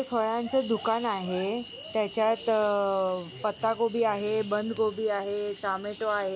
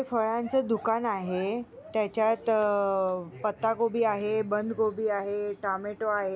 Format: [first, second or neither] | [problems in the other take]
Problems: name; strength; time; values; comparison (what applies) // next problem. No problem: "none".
second | background sound (Cricket / Frog); 19 dB below the speech